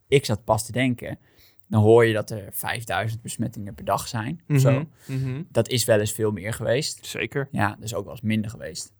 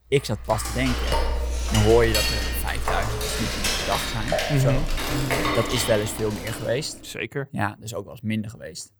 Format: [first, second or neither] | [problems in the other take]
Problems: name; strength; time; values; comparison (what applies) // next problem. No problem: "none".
first | clattering dishes; loud; until 7 s; peak 4 dB above the speech